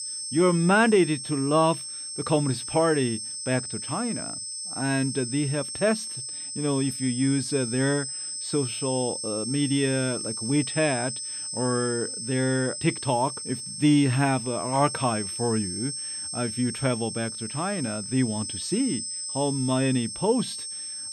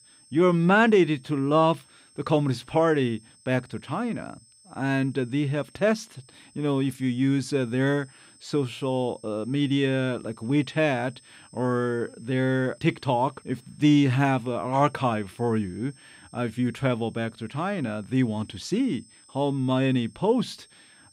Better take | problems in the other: second | high-pitched whine; loud; throughout; 8 kHz, 5 dB below the speech; faint in the second

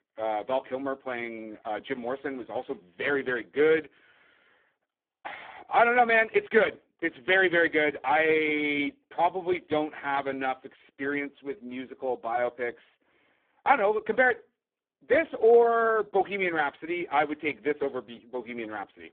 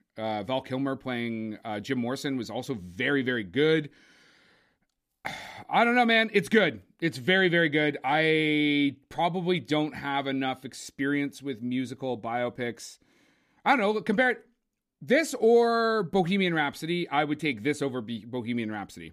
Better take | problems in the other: second | phone-call audio; poor line

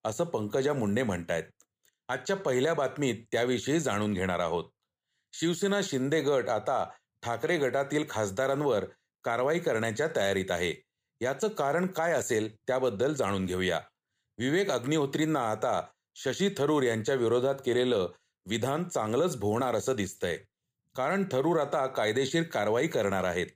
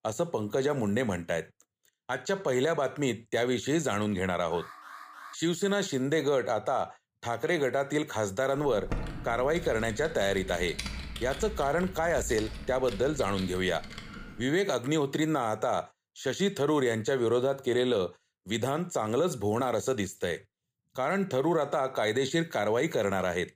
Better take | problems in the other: first | alarm; faint; at 4.5 s; peak 15 dB below the speech // keyboard typing; noticeable; from 8.5 to 14 s; peak 7 dB below the speech

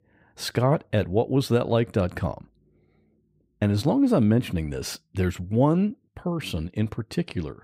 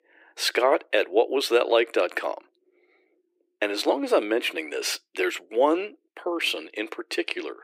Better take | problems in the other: first | thin; very; fading below 350 Hz

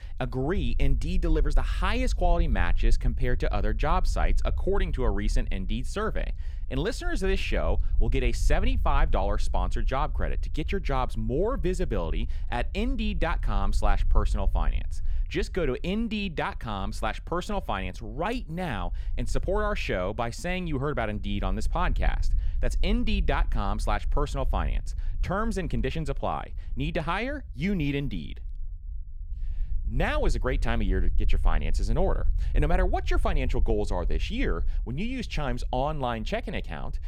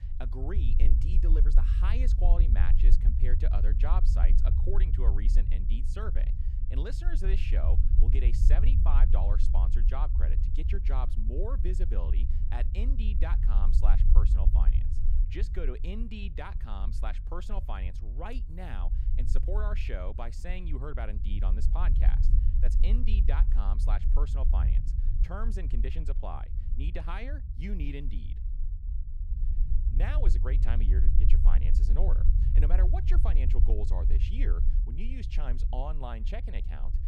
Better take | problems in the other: first | low rumble; loud; throughout; 7 dB below the speech; faint in the first

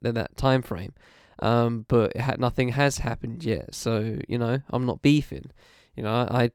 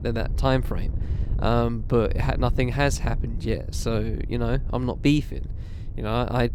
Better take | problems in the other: first | wind noise on the microphone; occasional gusts; 20 dB below the speech

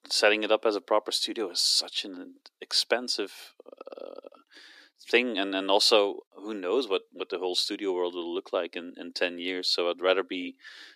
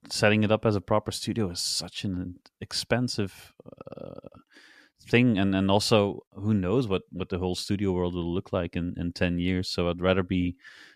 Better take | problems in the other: second | thin; somewhat; fading below 300 Hz

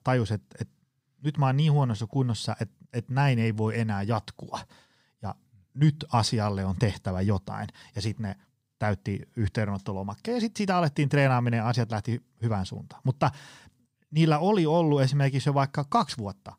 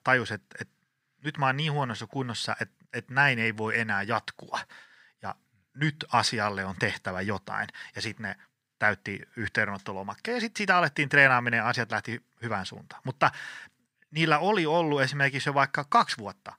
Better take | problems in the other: first | thin; somewhat; fading below 650 Hz

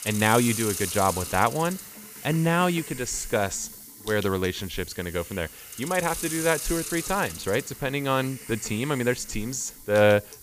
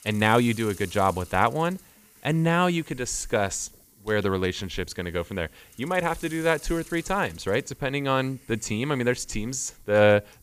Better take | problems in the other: second | hiss; loud; throughout; 9 dB below the speech; faint in the second

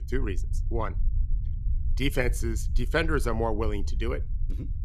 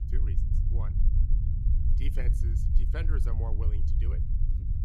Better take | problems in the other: first | low rumble; loud; throughout; 1 dB below the speech; faint in the first

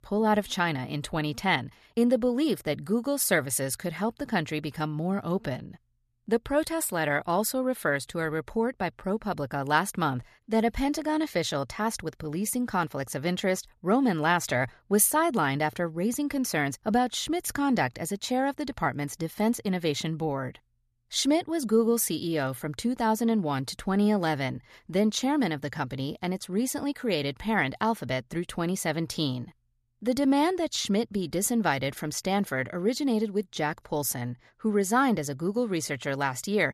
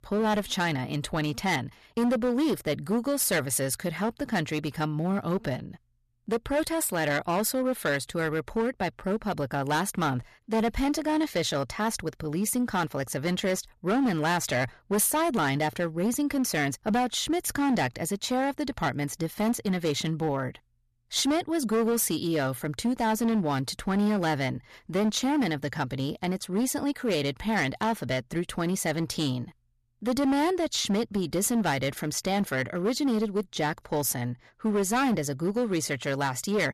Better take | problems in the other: first | distortion; slight; 10% of the sound clipped

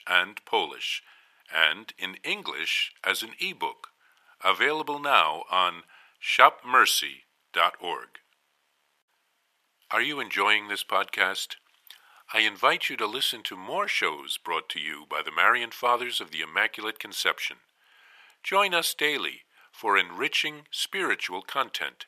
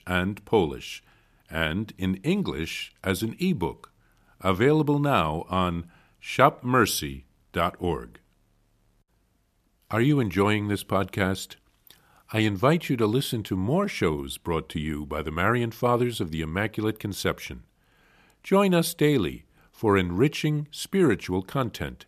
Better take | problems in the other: second | thin; very; fading below 700 Hz

